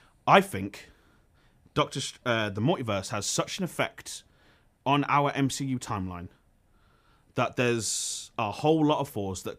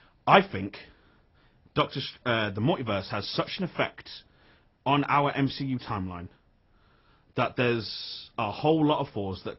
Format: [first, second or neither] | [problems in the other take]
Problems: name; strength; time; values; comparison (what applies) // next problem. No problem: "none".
first | garbled, watery; badly; nothing above 5.5 kHz